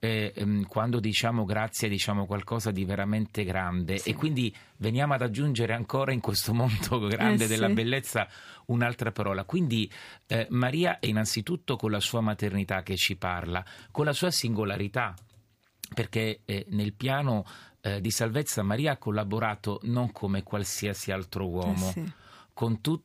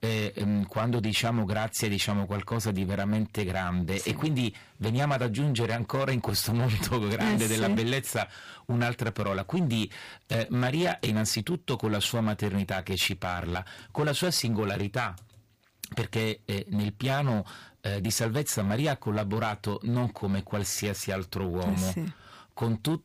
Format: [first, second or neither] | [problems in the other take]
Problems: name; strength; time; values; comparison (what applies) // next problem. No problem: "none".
first | distortion; slight; 10% of the sound clipped